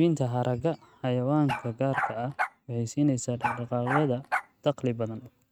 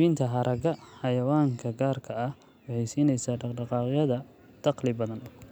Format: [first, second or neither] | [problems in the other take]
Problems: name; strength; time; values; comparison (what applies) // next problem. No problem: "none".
second | noise reduction (neural mask model RNNoise)